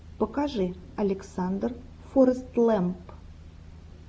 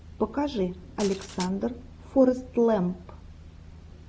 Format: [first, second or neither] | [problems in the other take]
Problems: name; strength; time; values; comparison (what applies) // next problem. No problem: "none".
first | background sound (Glass); 15 dB below the speech